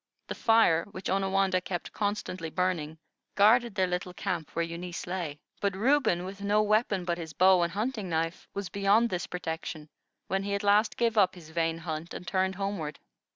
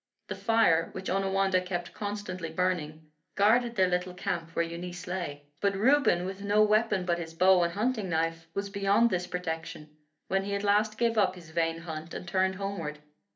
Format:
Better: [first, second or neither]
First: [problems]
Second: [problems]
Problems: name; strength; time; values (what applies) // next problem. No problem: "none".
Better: first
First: none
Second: room echo; dies away in 0.3 s